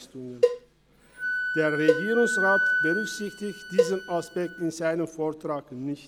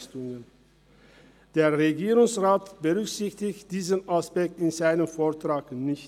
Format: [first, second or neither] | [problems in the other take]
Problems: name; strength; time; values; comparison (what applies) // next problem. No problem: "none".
second | background sound (Wind instrument, woodwind instrument + Cowbell); 1 dB above the speech